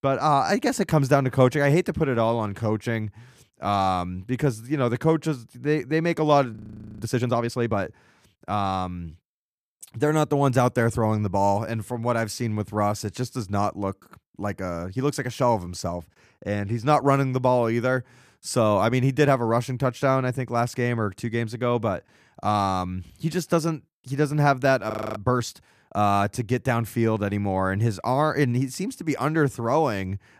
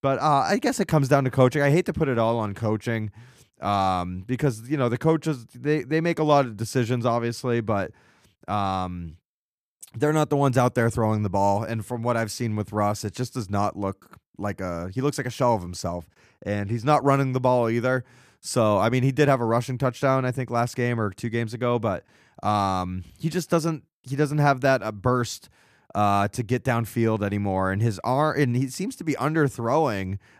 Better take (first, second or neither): second